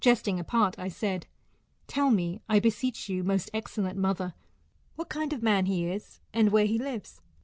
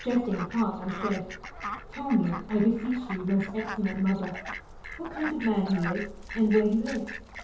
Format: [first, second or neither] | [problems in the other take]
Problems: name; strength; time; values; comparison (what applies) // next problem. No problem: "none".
first | background sound (Fowl); 11 dB below the speech // room echo; dies away in 0.8 s